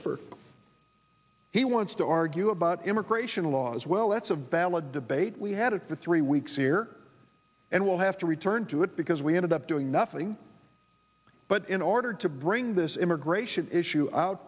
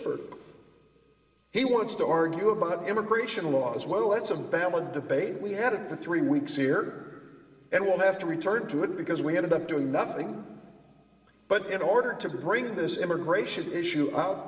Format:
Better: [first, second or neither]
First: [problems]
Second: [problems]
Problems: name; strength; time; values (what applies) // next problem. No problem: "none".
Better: first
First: none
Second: room echo; dies away in 2.7 s